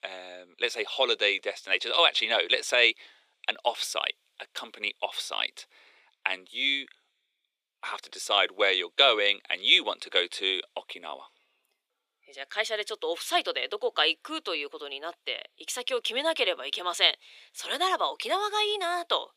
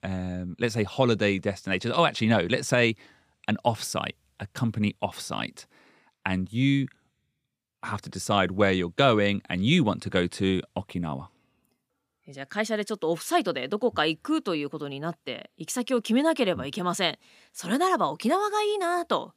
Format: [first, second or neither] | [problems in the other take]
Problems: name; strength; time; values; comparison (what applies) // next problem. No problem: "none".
second | thin; very; fading below 400 Hz